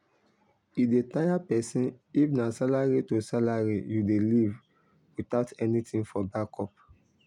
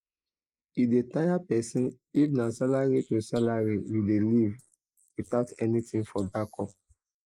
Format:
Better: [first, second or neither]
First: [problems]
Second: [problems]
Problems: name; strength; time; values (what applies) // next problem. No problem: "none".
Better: first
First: none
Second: noise reduction (neural mask model Resemble Enhance denoiser)